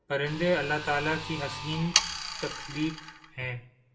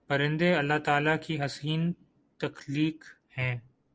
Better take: second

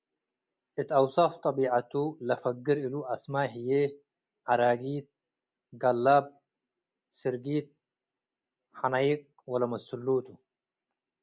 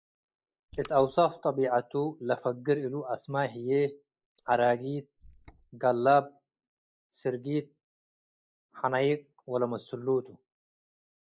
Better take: first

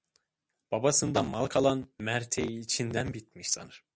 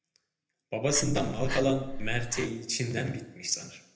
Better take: first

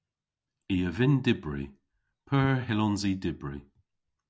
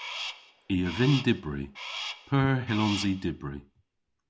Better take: first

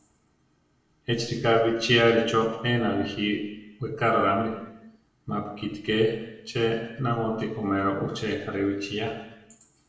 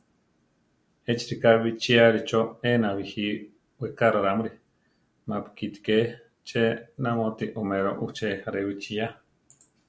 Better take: second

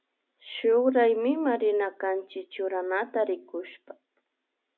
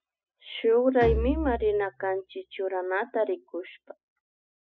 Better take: first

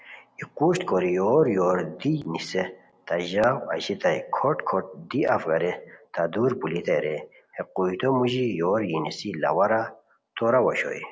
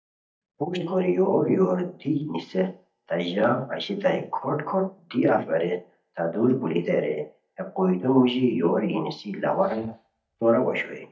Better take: first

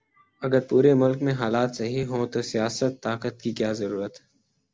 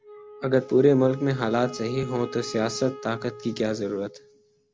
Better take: first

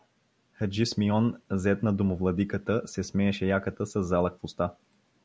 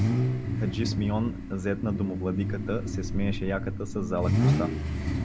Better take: first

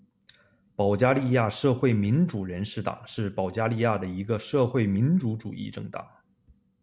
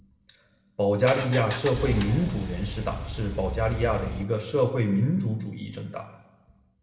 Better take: first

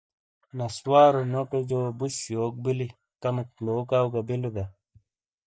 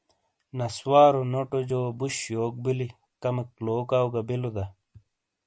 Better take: second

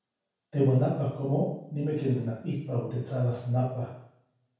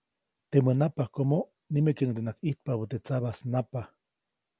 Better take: second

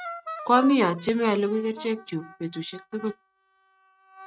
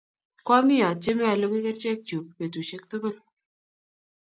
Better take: second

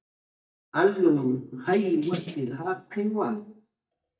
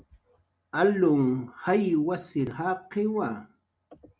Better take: second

